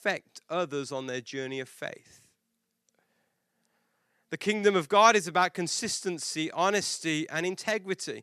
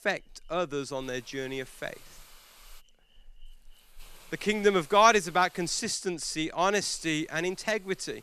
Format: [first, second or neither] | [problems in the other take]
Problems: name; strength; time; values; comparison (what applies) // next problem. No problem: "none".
first | hiss; faint; throughout; 25 dB below the speech